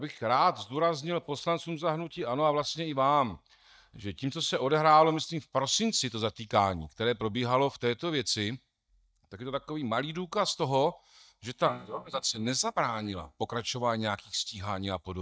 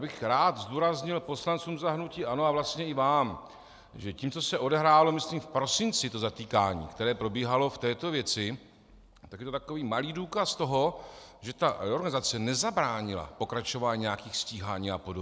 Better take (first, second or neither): second